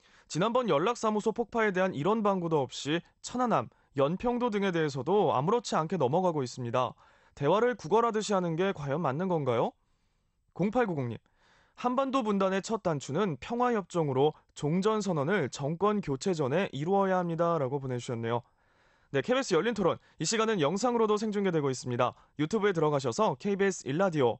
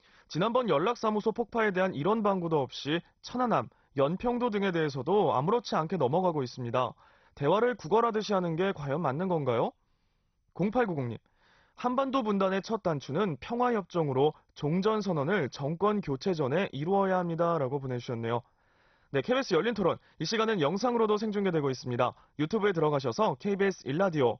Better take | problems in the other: first | garbled, watery; badly; nothing above 6 kHz; slightly in the first

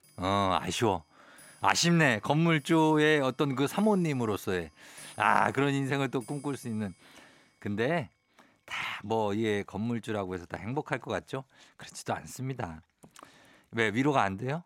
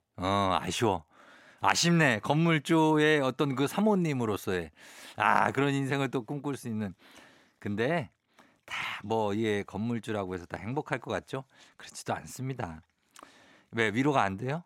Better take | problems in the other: second | household noises; faint; throughout; 30 dB below the speech

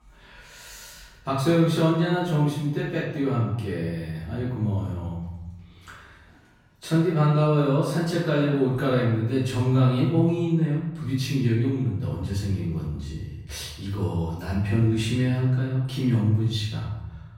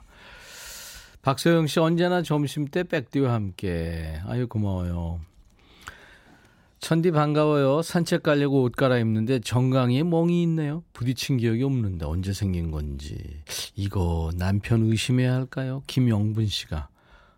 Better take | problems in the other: second | off-mic speech; far // room echo; noticeable; dies away in 0.9 s

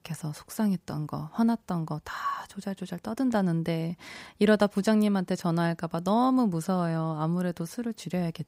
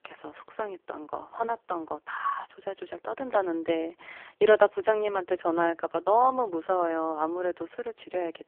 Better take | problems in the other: first | phone-call audio; poor line

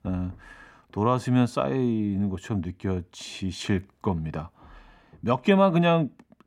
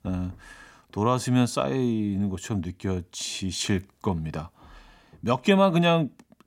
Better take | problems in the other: second | muffled; slightly; fading above 3.5 kHz

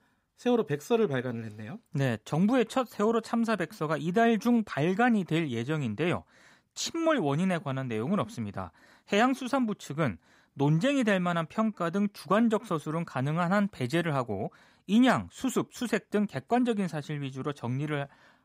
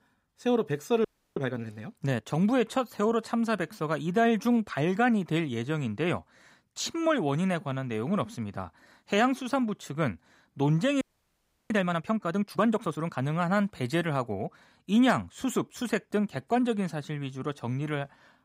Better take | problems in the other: first | audio freezing; at 1 s and at 11 s for 0.5 s

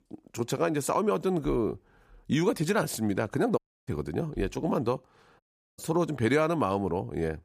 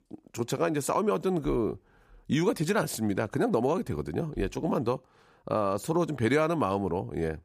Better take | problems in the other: second | audio cutting out; at 3.5 s and at 5.5 s

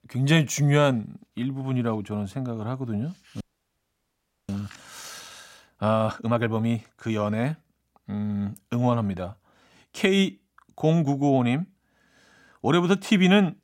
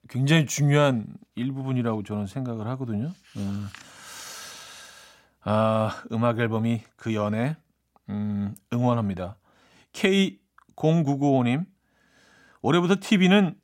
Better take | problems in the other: second | audio freezing; at 3.5 s for 1 s

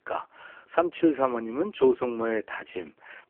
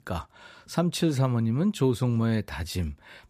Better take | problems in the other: second | phone-call audio; poor line; nothing above 3 kHz

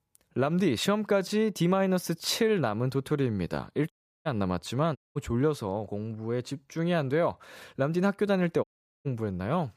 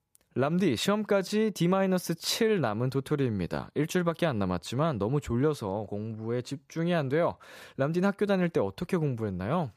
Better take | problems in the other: second | audio cutting out; at 4 s, at 5 s and at 8.5 s

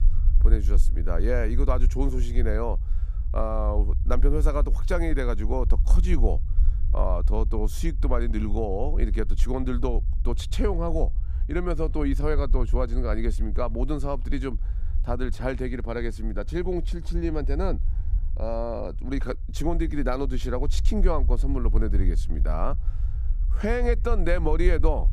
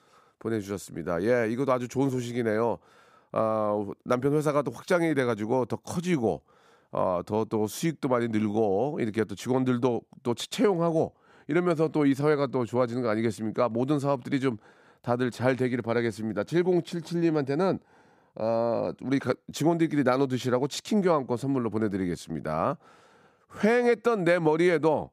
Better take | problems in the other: second | low rumble; noticeable; throughout; 20 dB below the speech

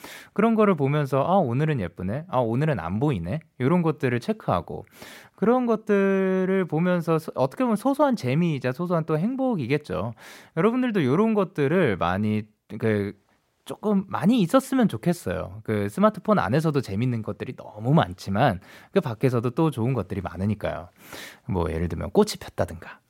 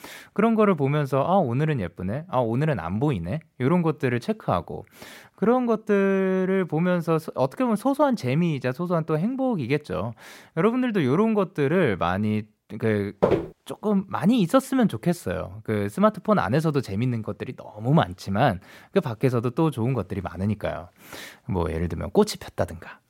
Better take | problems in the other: first | footsteps; loud; at 13 s; peak 1 dB above the speech

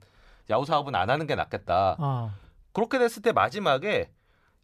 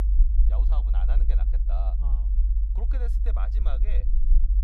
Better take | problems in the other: first | low rumble; loud; throughout; 5 dB below the speech

